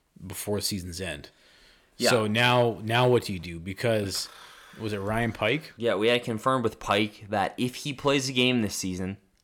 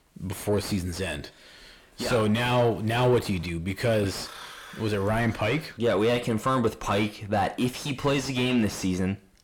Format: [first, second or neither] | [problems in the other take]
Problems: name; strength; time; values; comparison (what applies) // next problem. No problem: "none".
first | distortion; heavy; 6 dB below the speech